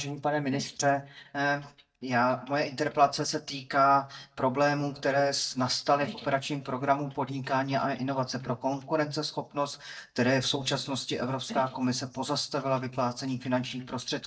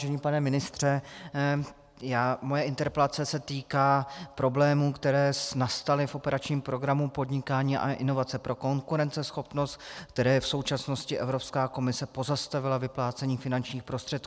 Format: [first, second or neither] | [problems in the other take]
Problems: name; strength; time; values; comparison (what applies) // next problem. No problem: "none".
second | noise reduction (neural mask model DeepFilterNet 3)